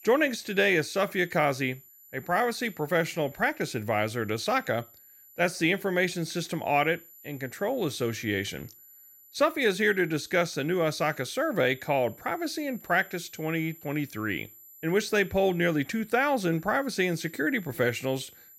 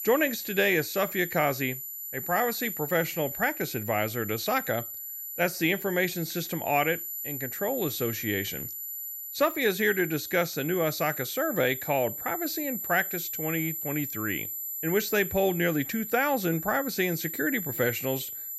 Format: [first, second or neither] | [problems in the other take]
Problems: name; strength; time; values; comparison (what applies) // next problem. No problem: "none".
first | high-pitched whine; loud; throughout; 12 kHz, 6 dB below the speech; faint in the first